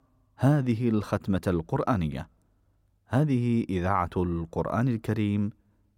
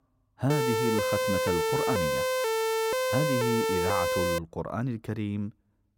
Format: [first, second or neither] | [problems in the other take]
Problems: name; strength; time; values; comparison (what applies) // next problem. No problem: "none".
first | siren; loud; until 4.5 s; peak 5 dB above the speech